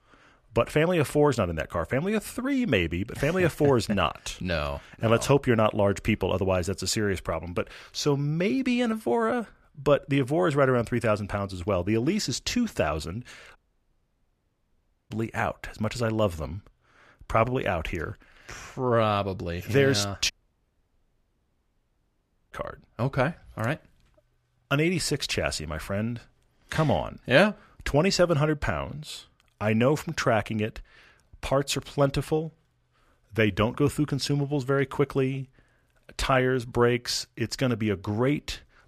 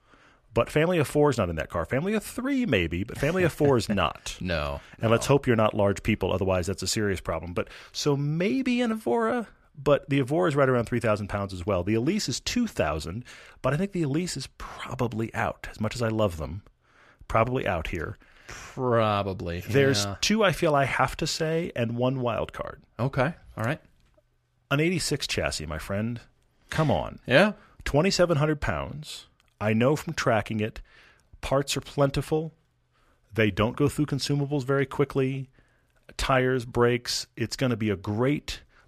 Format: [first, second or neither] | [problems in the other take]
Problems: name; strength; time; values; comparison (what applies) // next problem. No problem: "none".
second | audio cutting out; at 14 s for 1.5 s and at 20 s for 2 s